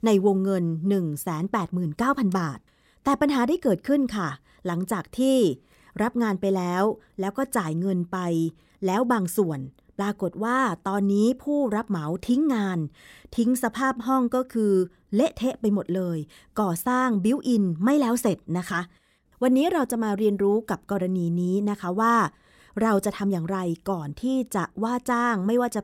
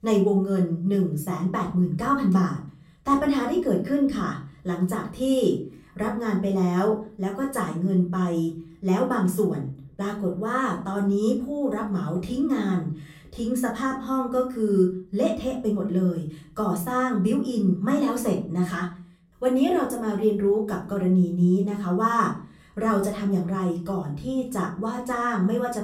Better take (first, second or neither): first